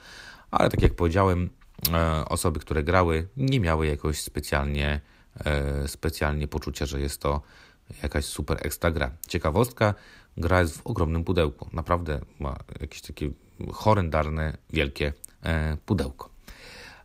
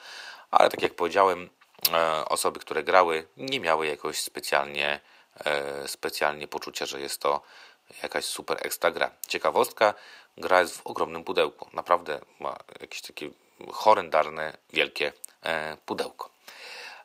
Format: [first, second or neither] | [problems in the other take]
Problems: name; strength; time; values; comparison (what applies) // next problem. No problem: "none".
first | thin; very; fading below 550 Hz